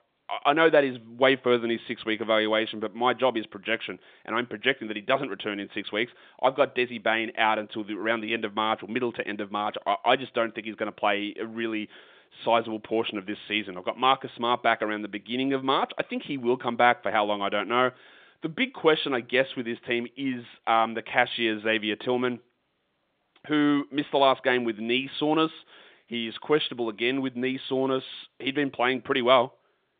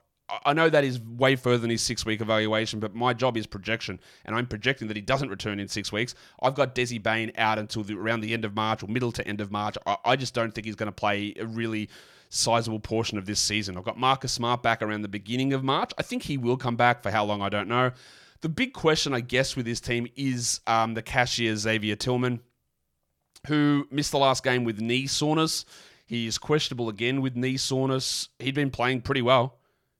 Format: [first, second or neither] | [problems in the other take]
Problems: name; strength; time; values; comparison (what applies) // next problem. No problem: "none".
second | phone-call audio